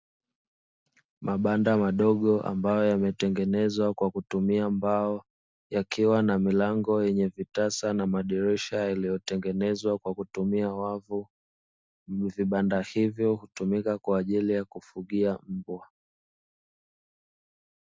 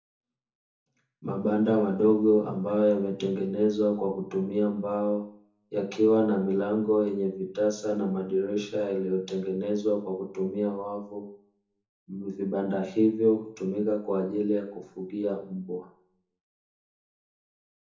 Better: first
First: none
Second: room echo; dies away in 0.6 s

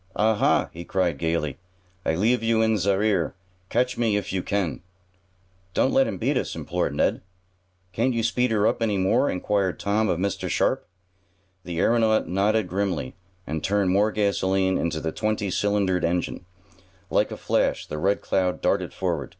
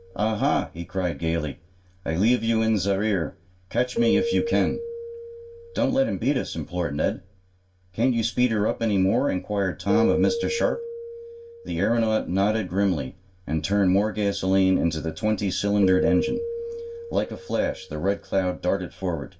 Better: first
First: none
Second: background sound (Keyboard (musical)); 9 dB below the speech // room echo; dies away in 0.2 s

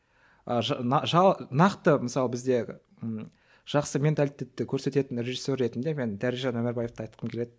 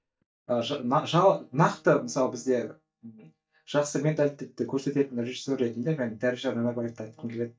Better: first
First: none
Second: noise reduction (neural mask model DeepFilterNet 3)

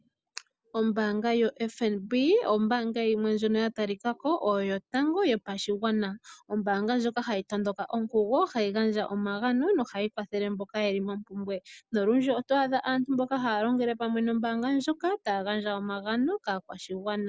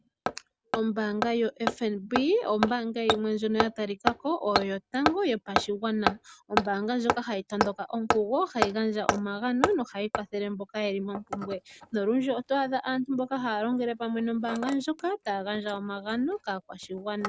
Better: first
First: none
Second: background sound (Hammer); 5 dB below the speech

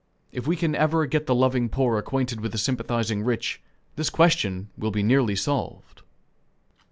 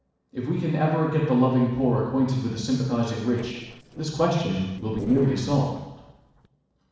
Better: first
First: none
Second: noise reduction (neural separator model SepFormer DNS4)

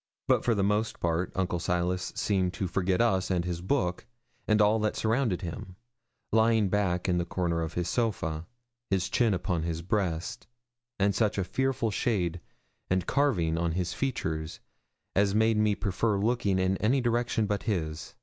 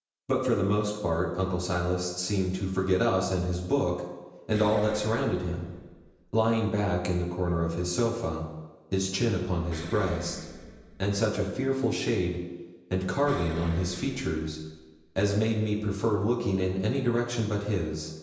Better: first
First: none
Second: background sound (Explosion); 17 dB below the speech // room echo; dies away in 1 s

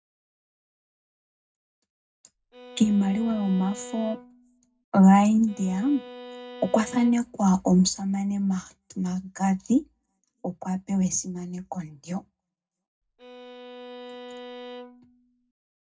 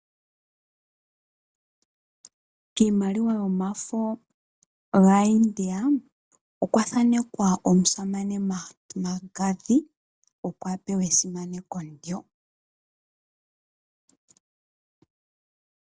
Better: second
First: background sound (Bowed string instrument); 16 dB below the speech // room echo; dies away in 0.3 s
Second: none

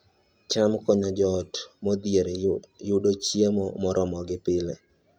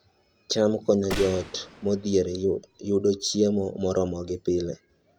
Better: first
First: none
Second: background sound (Gunshot, gunfire); 14 dB below the speech

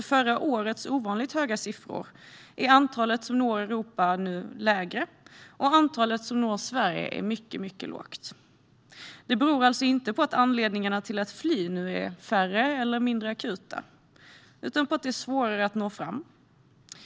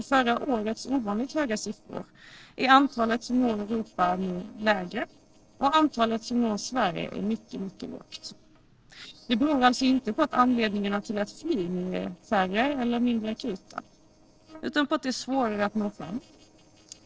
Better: first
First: none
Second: noise reduction (neural separator model SepFormer DNS4)

